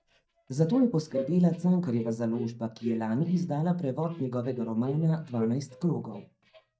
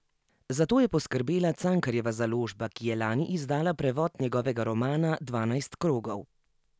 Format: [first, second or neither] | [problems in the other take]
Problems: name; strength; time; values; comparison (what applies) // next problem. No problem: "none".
second | noise reduction (neural mask model DeepFilterNet 3)